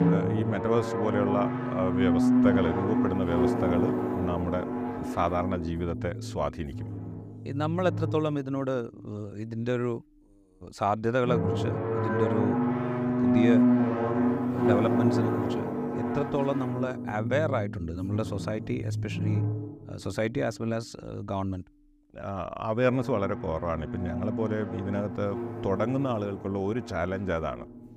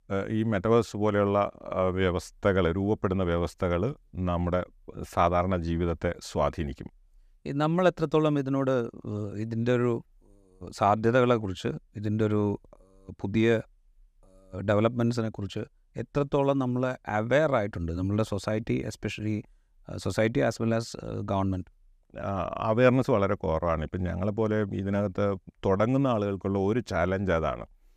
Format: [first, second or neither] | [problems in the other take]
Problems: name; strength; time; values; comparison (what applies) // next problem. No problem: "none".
second | background music; very loud; throughout; 2 dB above the speech